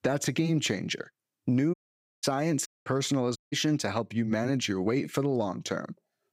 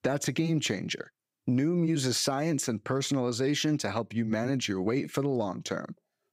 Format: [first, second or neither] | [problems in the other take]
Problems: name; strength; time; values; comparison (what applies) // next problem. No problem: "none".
second | audio cutting out; at 1.5 s, at 2.5 s and at 3.5 s